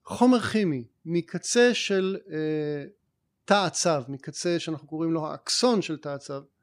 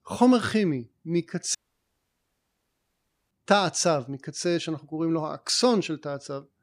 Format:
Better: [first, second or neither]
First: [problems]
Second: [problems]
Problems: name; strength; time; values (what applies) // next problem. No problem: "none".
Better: first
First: none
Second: audio cutting out; at 1.5 s for 2 s